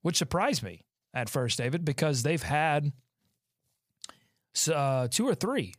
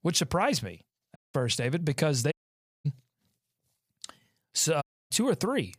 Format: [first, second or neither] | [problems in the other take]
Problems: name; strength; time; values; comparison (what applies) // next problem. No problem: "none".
first | audio cutting out; at 1 s, at 2.5 s for 0.5 s and at 5 s